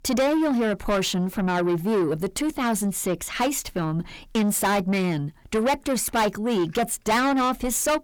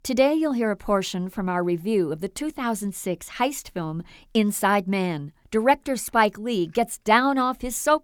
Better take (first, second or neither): second